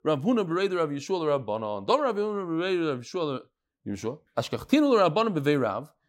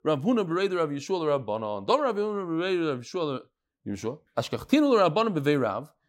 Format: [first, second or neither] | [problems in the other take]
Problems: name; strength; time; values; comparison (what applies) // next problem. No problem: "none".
neither | none